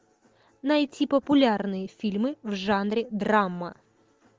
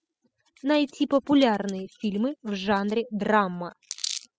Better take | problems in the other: first | noise reduction (classical method spectral subtraction)

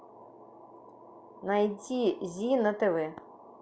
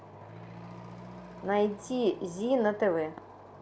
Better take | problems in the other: first | background sound (Accelerating, revving, vroom / Truck); 17 dB below the speech

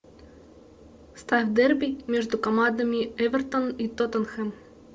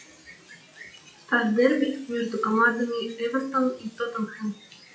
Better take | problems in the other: first | noise reduction (classical method WPE with log-MMSE)

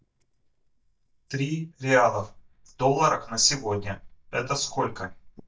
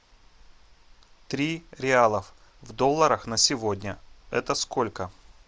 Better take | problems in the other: second | noise reduction (neural mask model DeepFilterNet 3)

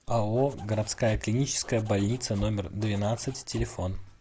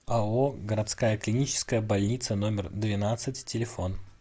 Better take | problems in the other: second | background sound (Zipper (clothing)); 14 dB below the speech

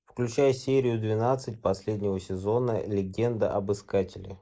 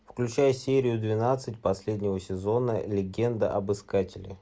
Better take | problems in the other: second | noise reduction (neural mask model Resemble Enhance denoiser)

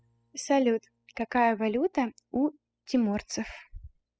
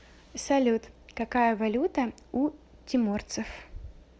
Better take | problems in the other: second | noise reduction (classical method spectral subtraction)

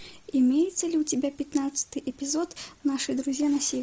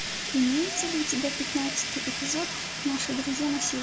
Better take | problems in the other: first | background sound (Fire); 3 dB below the speech // room echo; dies away in 0.3 s

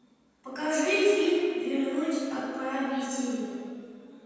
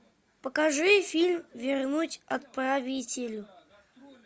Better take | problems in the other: second | room echo; dies away in 2.1 s

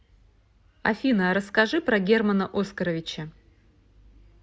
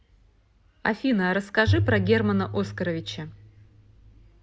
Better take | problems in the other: first | background sound (Bowed string instrument); 3 dB below the speech

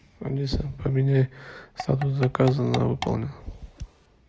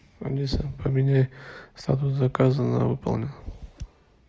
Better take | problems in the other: second | background sound (Tap / Percussion); 12 dB below the speech

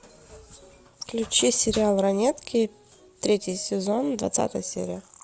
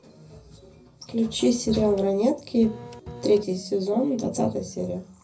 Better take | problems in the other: first | background sound (Printer); 14 dB below the speech // room echo; dies away in 0.4 s

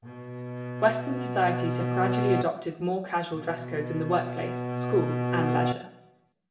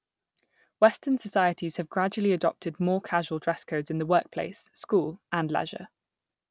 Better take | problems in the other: second | background sound (Bowed string instrument); 1 dB below the speech // room echo; dies away in 0.6 s

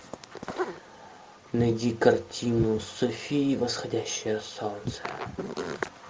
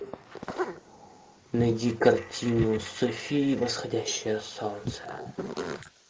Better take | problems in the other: first | noise reduction (neural mask model Resemble Enhance denoiser)

